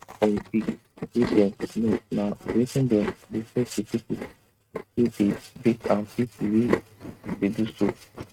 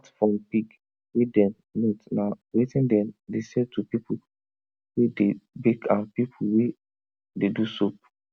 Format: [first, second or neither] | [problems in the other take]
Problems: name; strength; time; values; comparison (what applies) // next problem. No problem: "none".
second | noise reduction (neural mask model RNNoise)